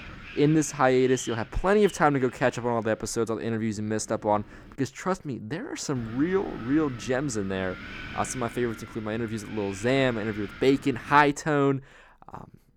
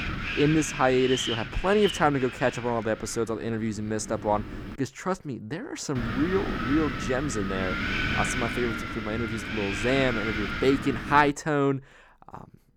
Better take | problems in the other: first | wind noise on the microphone; heavy; until 5 s and from 6 to 11 s; 3 dB below the speech; occasional gusts in the first

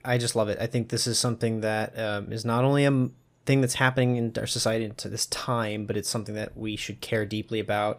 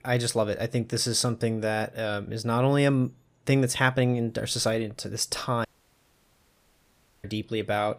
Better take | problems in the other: first | audio cutting out; at 5.5 s for 1.5 s

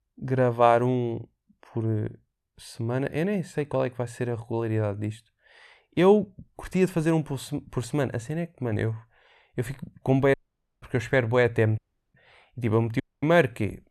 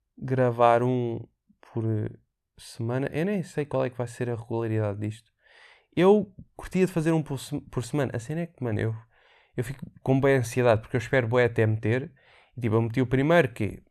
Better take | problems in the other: second | audio cutting out; at 10 s, at 12 s and at 13 s

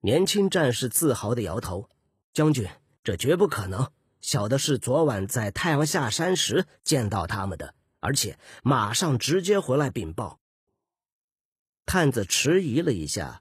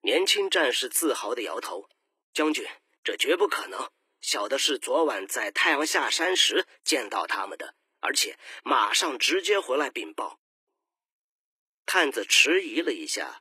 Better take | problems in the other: first | thin; very; fading below 300 Hz

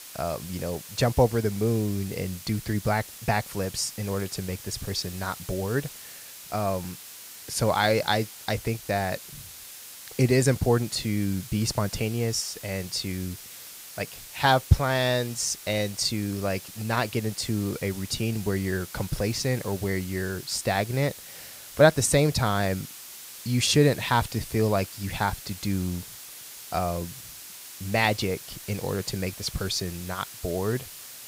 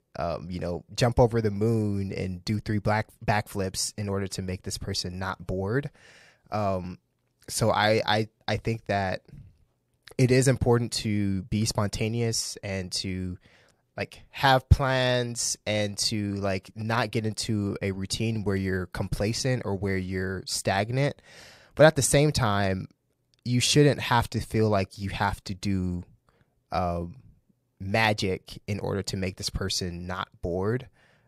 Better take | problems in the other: second | hiss; noticeable; throughout; 15 dB below the speech

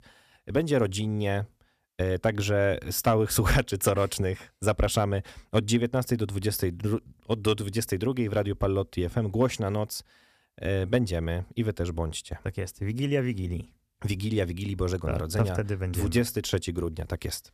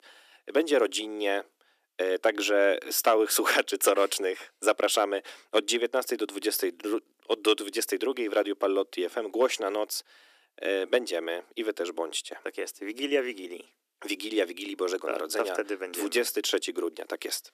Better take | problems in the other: first | thin; very; fading below 300 Hz

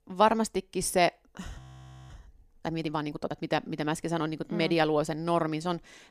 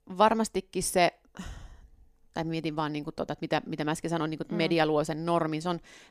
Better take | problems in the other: second | audio freezing; at 1.5 s for 0.5 s

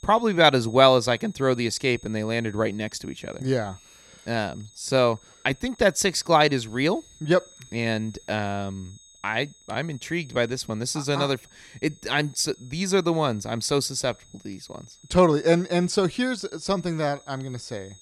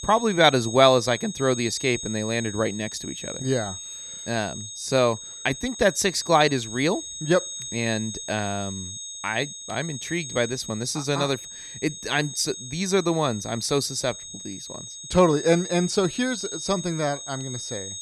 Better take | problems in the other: first | high-pitched whine; loud; throughout; 6.5 kHz, 10 dB below the speech; faint in the first

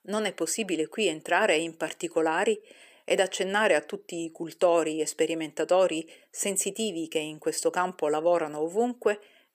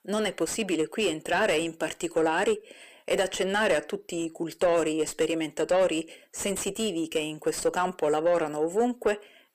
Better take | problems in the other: first | distortion; slight; 10 dB below the speech

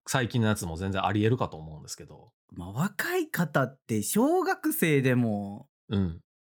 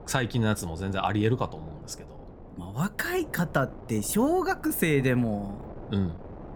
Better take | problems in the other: first | wind noise on the microphone; occasional gusts; 20 dB below the speech

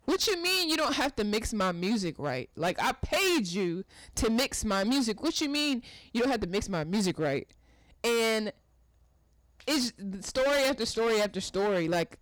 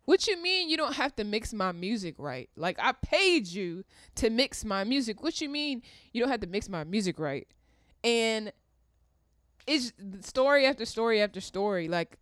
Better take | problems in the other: second | distortion; heavy; 16% of the sound clipped

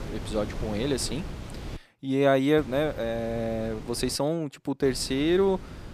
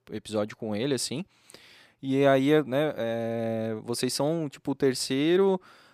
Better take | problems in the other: second | wind noise on the microphone; occasional gusts; until 2 s, from 2.5 to 4 s and from 5 s on; 15 dB below the speech

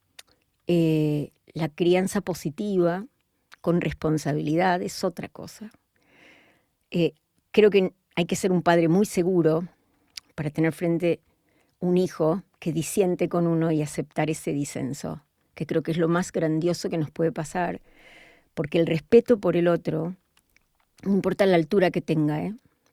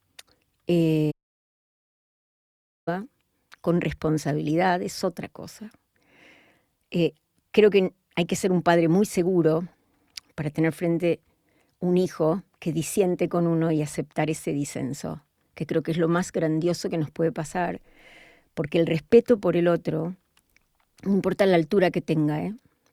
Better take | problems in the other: first | audio cutting out; at 1 s for 2 s

